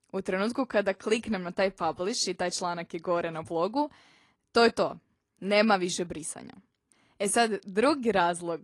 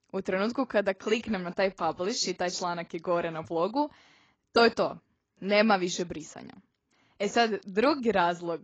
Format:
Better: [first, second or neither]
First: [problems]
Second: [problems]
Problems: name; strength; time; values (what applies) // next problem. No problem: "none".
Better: first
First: garbled, watery; slightly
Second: garbled, watery; badly